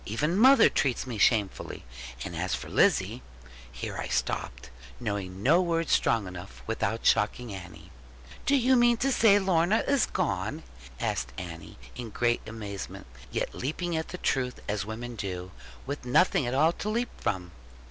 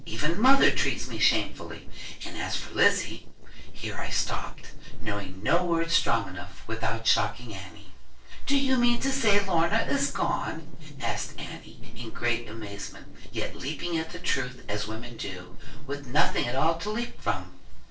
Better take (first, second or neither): first